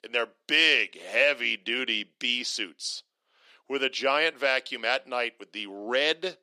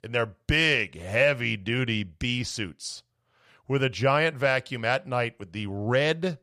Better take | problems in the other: second | thin; somewhat; fading below 250 Hz

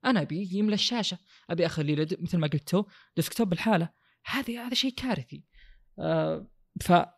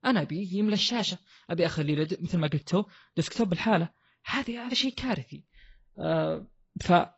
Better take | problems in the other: first | garbled, watery; badly; nothing above 8 kHz

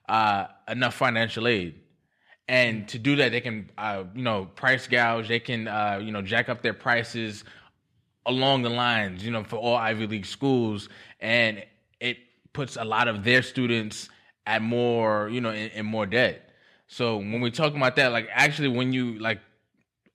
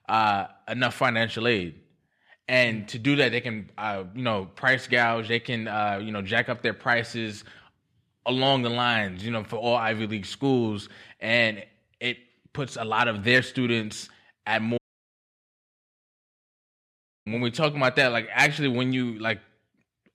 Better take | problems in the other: first | audio cutting out; at 15 s for 2.5 s

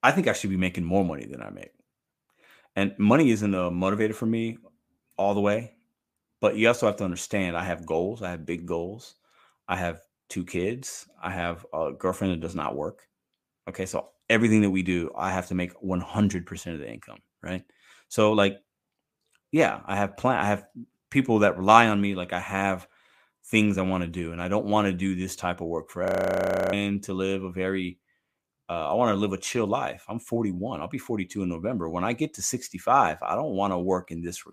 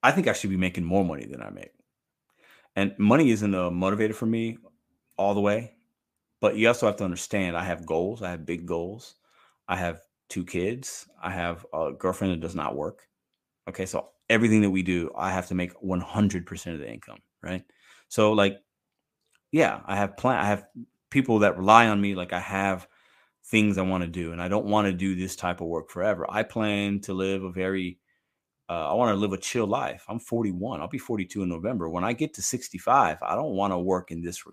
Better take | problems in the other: second | audio freezing; at 26 s for 0.5 s

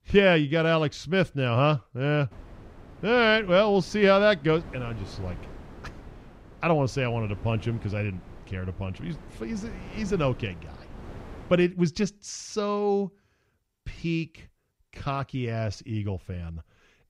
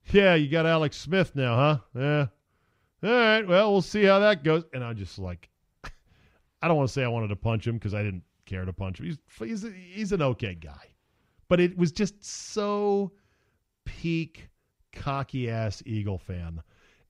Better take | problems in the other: second | wind noise on the microphone; occasional gusts; from 2.5 to 12 s; 25 dB below the speech

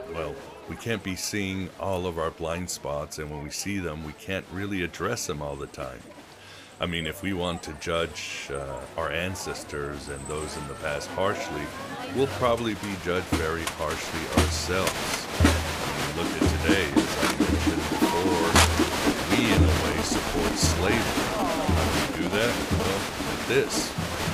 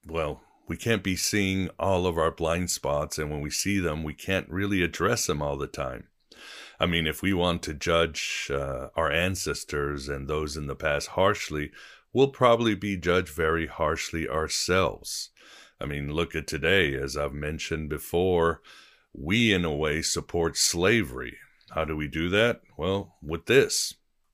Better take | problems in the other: second | crowd noise; very loud; throughout; 4 dB above the speech

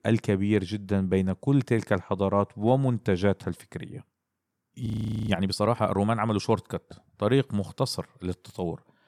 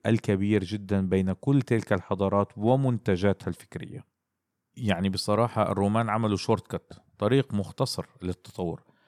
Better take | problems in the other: second | audio freezing; at 5 s

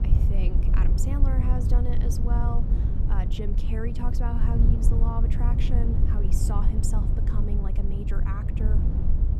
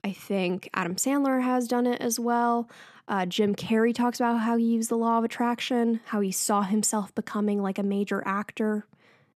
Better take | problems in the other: second | low rumble; loud; throughout; 2 dB below the speech

